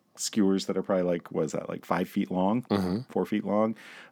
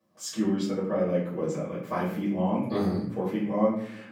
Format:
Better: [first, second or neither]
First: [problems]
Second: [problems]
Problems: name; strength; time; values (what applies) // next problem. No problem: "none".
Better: first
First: none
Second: off-mic speech; far // room echo; noticeable; dies away in 0.6 s